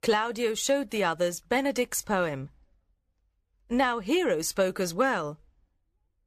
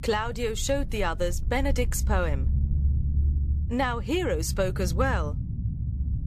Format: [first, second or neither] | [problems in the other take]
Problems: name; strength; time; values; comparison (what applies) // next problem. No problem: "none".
first | low rumble; noticeable; throughout; 15 dB below the speech